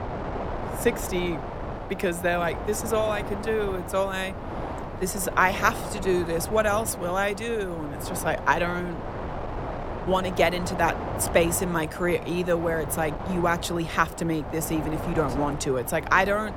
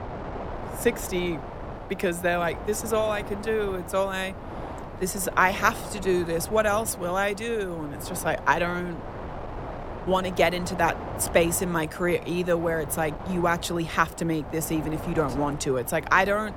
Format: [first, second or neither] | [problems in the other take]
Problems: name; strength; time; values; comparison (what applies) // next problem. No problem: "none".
second | wind noise on the microphone; heavy; 9 dB below the speech; occasional gusts in the second